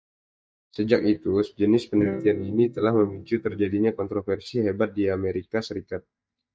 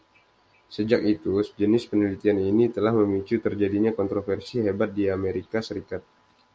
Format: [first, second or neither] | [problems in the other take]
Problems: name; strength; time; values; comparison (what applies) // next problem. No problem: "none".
second | noise reduction (neural mask model DeepFilterNet 3)